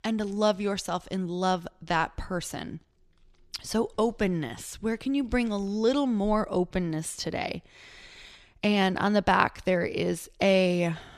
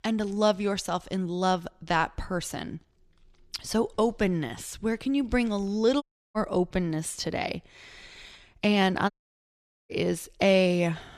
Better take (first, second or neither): first